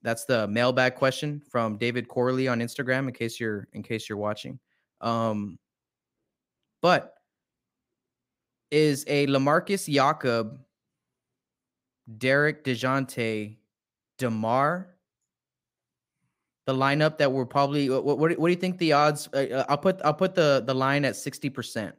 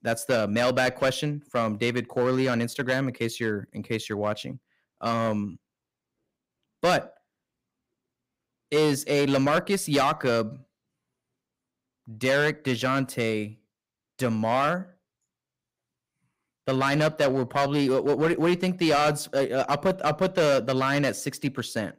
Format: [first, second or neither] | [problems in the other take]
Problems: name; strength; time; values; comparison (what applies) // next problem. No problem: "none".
first | distortion; slight; 5% of the sound clipped